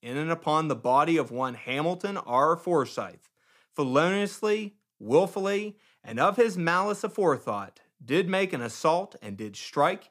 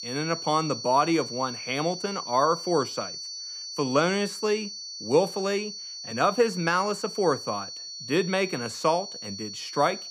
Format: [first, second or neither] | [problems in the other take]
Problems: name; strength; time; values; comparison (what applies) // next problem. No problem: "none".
first | high-pitched whine; loud; throughout; 4.5 kHz, 9 dB below the speech